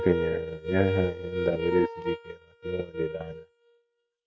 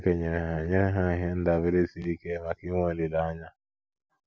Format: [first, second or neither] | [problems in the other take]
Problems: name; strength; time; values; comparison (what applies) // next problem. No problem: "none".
second | noise reduction (neural mask model RNNoise)